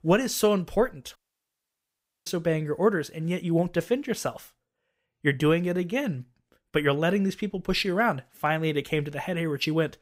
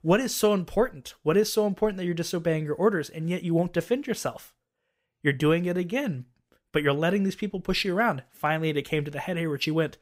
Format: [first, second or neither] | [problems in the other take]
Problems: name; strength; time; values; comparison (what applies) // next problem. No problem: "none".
second | audio cutting out; at 1 s for 1 s